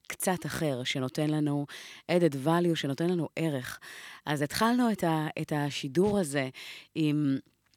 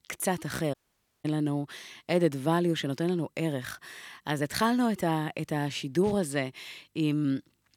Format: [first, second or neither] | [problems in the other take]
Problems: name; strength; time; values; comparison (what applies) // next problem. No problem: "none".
first | audio cutting out; at 0.5 s for 0.5 s